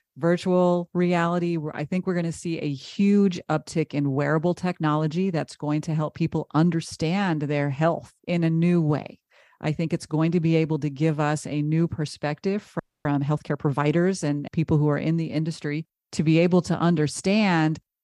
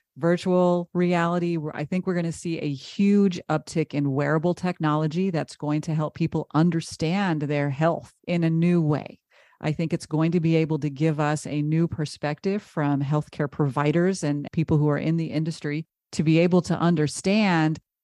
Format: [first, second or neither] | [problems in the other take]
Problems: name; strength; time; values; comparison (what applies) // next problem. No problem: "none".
second | audio freezing; at 13 s